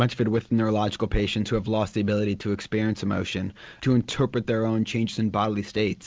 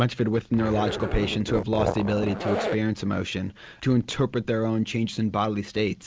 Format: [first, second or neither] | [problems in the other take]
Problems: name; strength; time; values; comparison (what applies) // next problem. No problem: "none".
first | background sound (Zipper (clothing)); 5 dB below the speech